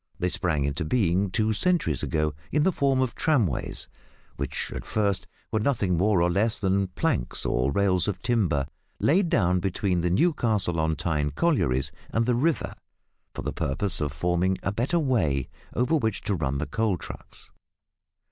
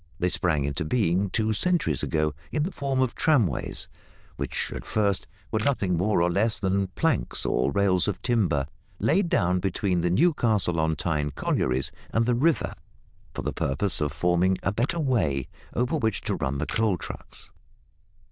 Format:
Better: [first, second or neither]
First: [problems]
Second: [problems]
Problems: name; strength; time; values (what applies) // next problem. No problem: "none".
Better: first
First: none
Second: noise reduction (neural diffusion model UNIVERSE++)